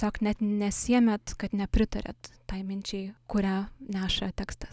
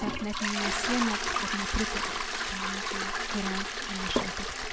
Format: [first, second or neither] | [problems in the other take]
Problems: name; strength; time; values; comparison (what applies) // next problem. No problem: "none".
first | background sound (Toilet flush); 4 dB above the speech